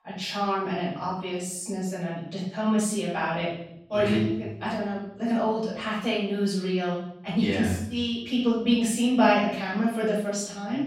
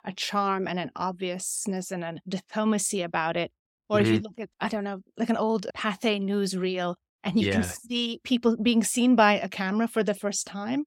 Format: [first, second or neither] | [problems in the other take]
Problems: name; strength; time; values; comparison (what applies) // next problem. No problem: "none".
second | off-mic speech; far // room echo; noticeable; dies away in 0.9 s